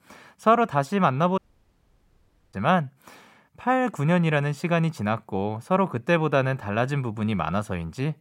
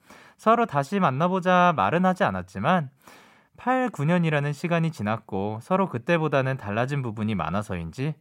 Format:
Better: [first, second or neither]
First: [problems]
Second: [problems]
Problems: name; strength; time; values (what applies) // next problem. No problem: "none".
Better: second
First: audio cutting out; at 1.5 s for 1 s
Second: none